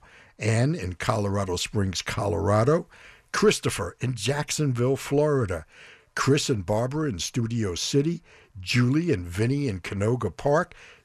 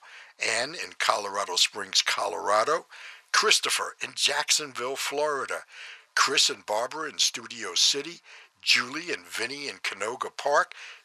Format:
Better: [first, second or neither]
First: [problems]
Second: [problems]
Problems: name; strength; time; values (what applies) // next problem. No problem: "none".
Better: first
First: none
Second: thin; very; fading below 900 Hz